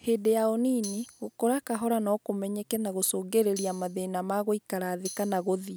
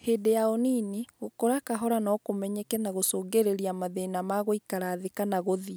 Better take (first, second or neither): second